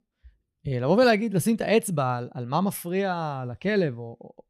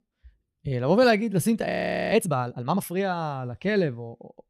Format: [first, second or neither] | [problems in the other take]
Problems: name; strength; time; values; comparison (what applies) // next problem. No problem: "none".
first | audio freezing; at 1.5 s